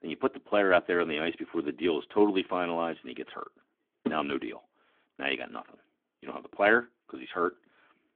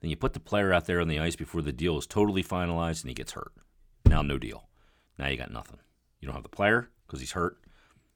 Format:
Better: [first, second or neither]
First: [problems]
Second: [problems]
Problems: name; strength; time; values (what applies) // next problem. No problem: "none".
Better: second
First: phone-call audio; nothing above 3.5 kHz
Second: none